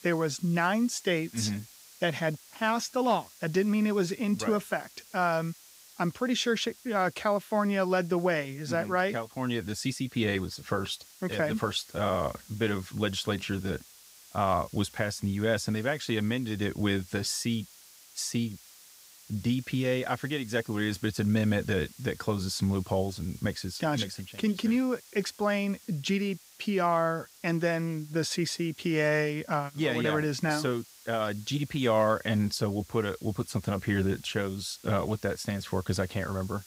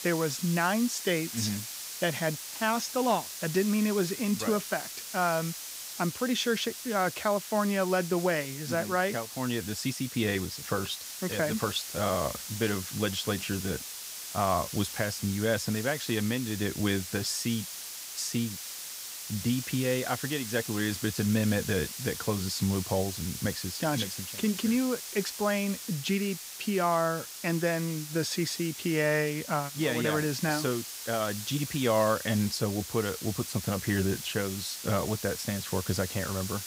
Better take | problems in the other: first | hiss; loud; throughout; 7 dB below the speech; faint in the first

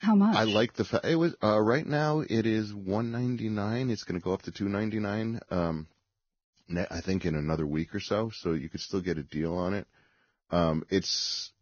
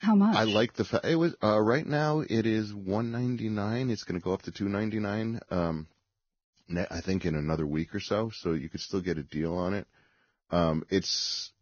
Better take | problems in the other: neither | garbled, watery; badly; nothing above 6.5 kHz; the same in both

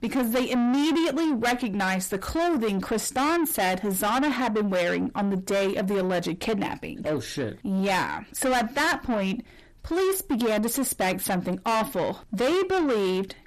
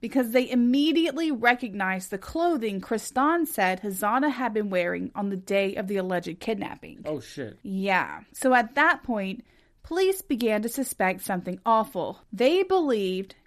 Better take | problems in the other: second | distortion; heavy; 6 dB below the speech

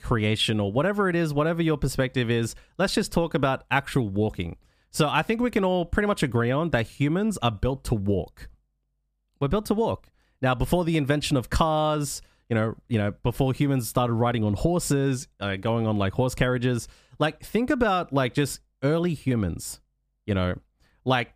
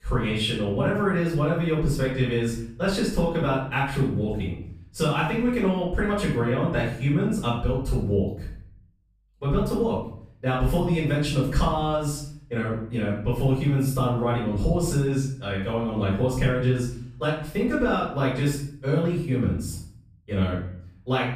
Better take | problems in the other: first | off-mic speech; far // room echo; noticeable; dies away in 0.6 s

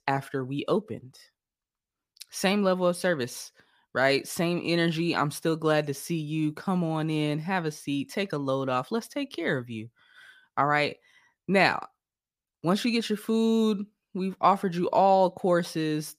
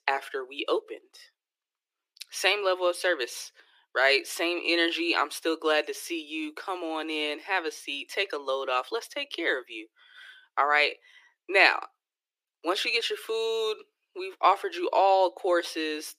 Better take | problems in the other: first | thin; very; fading below 300 Hz

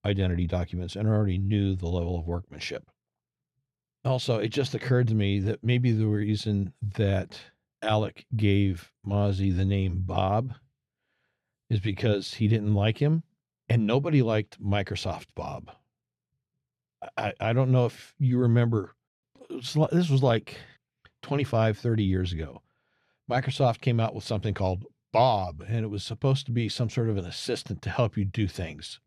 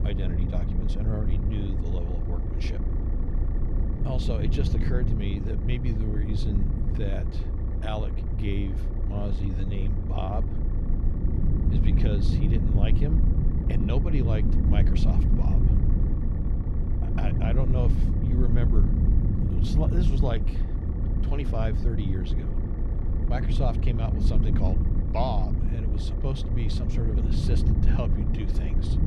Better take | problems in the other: first | low rumble; loud; throughout; 2 dB below the speech

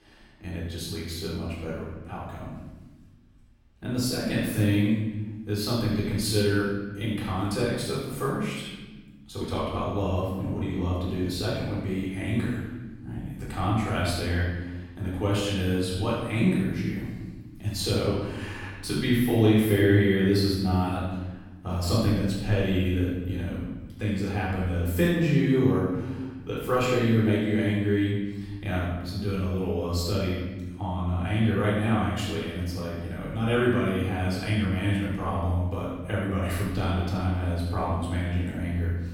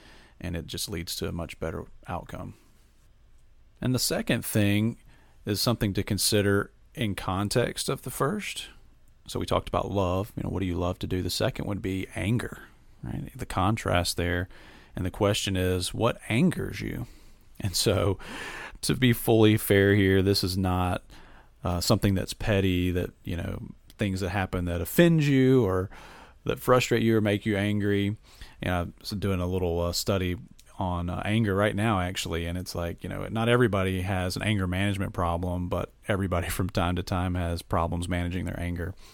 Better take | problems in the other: second | off-mic speech; far // room echo; strong; dies away in 1.3 s

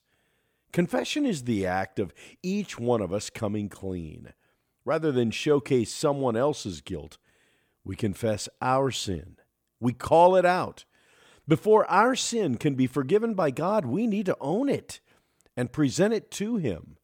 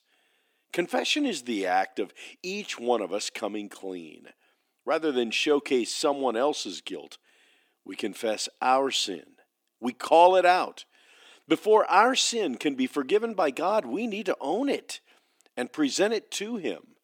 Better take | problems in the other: first | thin; very slightly; fading below 300 Hz

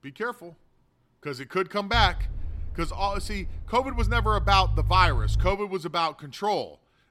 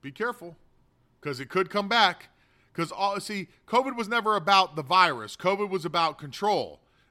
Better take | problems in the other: second | low rumble; faint; from 2 to 5.5 s; 25 dB below the speech

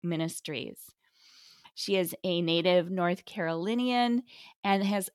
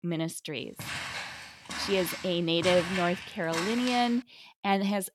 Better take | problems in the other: first | footsteps; noticeable; from 1 to 4 s; peak 3 dB below the speech

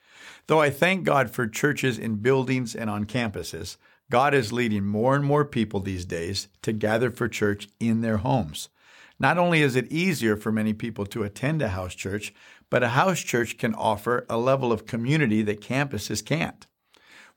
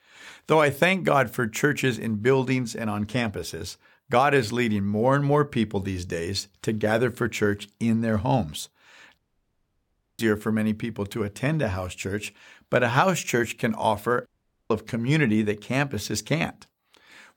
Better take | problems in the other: first | audio cutting out; at 9 s for 1 s and at 14 s

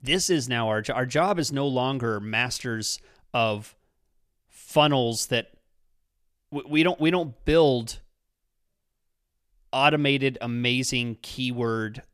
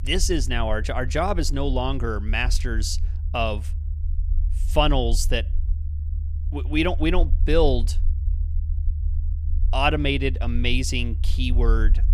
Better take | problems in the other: first | low rumble; faint; throughout; 20 dB below the speech

